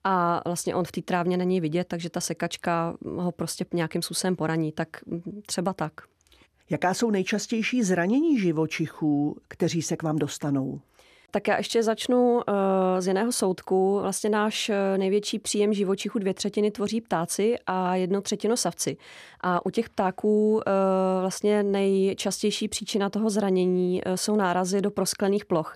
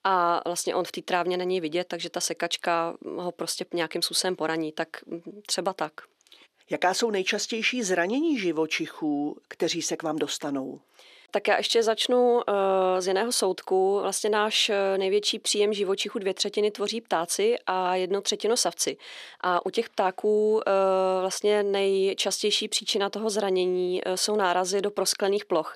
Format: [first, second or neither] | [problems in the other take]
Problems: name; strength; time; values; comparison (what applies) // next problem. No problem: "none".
first | thin; somewhat; fading below 400 Hz